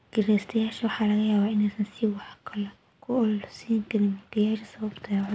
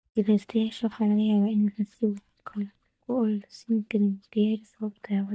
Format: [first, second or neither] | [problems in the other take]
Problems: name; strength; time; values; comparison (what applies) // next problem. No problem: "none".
first | noise reduction (neural mask model DeepFilterNet 3)